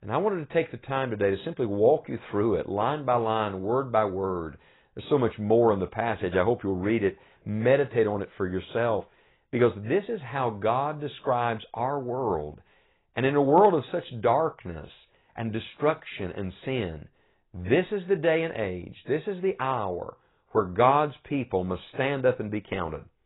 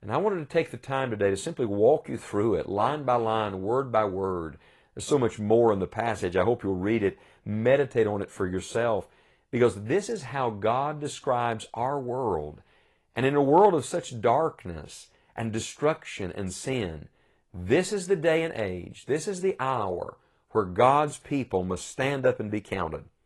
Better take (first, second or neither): second